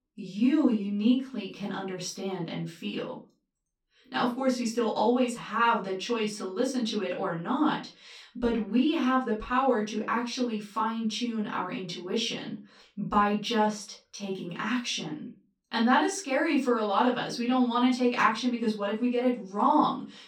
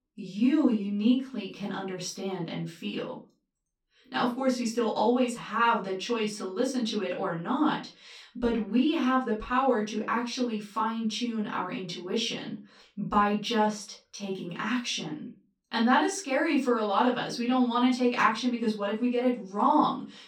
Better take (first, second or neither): neither